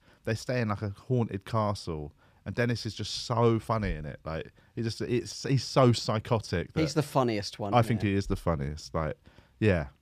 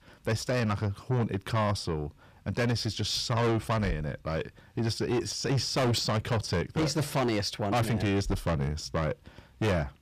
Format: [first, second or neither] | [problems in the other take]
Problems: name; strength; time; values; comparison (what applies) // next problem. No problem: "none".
first | distortion; heavy; 6 dB below the speech